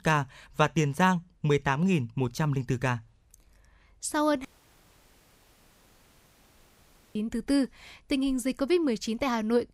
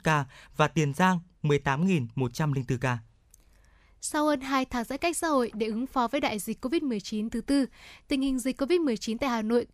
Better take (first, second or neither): second